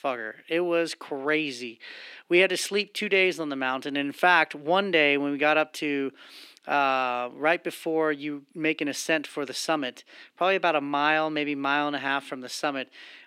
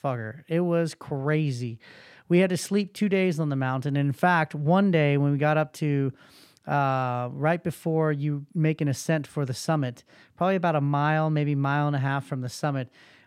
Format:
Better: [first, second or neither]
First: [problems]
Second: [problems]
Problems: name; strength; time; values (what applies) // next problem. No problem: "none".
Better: second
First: thin; somewhat; fading below 300 Hz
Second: none